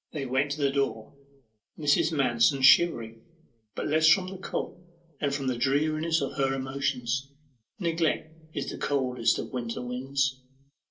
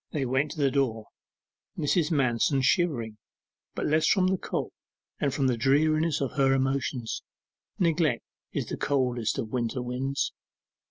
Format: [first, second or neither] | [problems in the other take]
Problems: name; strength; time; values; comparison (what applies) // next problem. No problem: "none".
second | room echo; dies away in 0.2 s